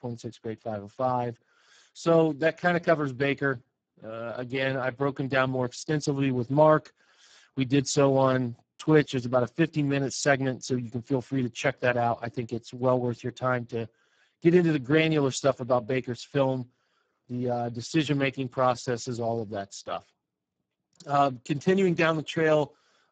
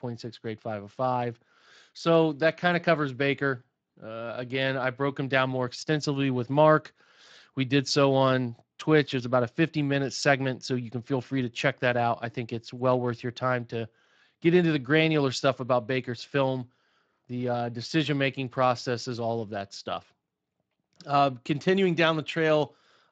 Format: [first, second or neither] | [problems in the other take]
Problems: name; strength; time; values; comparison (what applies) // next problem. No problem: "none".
second | garbled, watery; badly; nothing above 7.5 kHz; slightly in the second